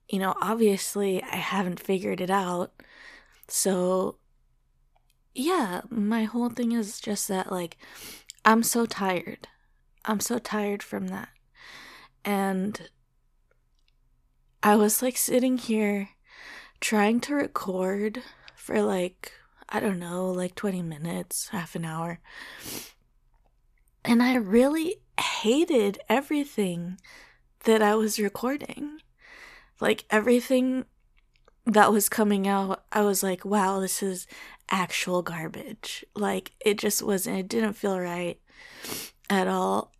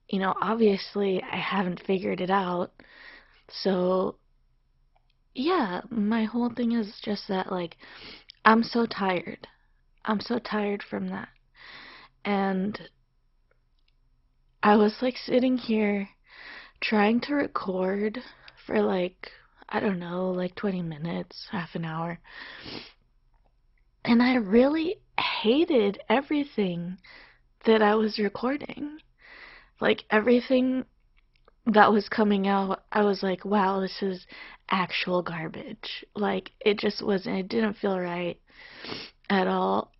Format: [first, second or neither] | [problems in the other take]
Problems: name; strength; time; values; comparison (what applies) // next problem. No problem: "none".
first | garbled, watery; badly; nothing above 5.5 kHz